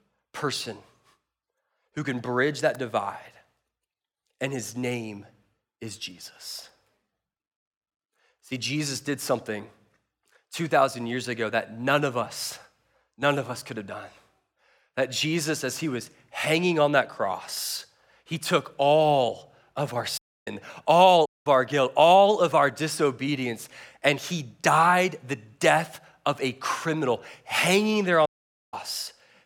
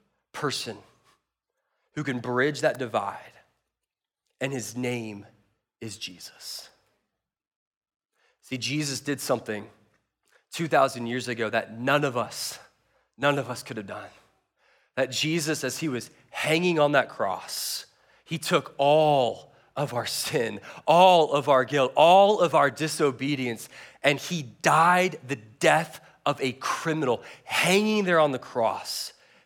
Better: second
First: audio cutting out; at 20 s, at 21 s and at 28 s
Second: none

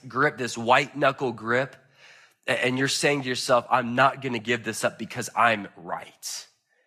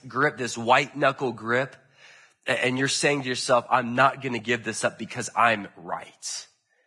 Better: first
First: garbled, watery; slightly; nothing above 14.5 kHz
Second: garbled, watery; badly; nothing above 10 kHz

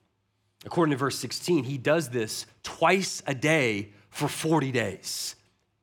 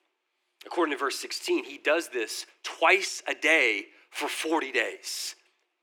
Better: first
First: none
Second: thin; very; fading below 350 Hz

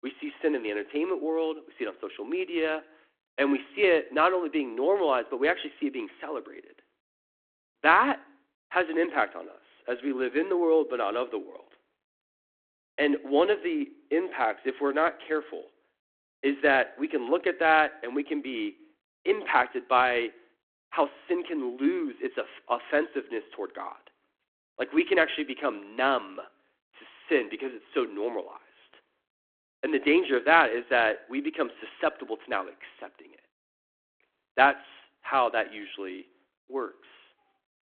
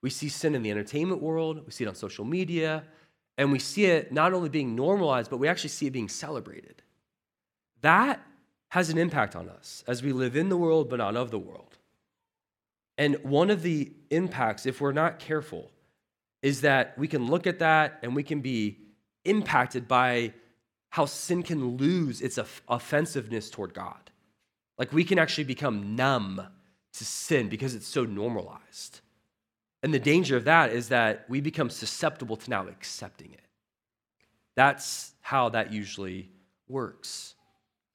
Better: second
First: phone-call audio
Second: none

